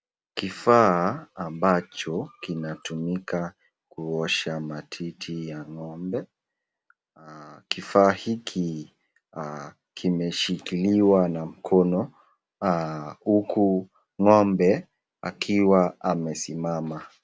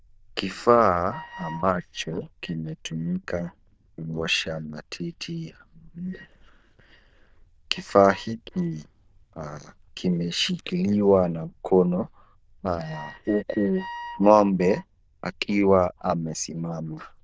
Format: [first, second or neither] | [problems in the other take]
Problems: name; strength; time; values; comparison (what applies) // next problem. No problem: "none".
first | noise reduction (neural diffusion model UNIVERSE++)